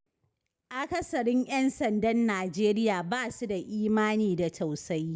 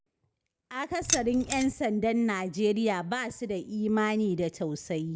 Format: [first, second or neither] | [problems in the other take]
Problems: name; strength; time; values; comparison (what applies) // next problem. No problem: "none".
first | background sound (Keys jangling); 3 dB below the speech